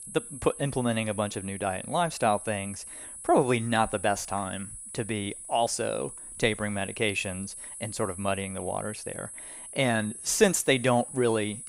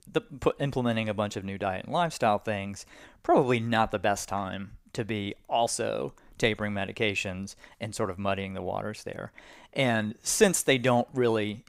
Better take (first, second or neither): second